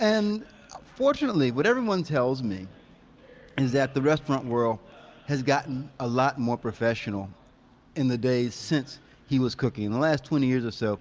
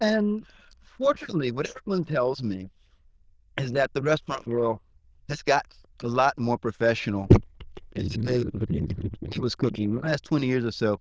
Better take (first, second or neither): first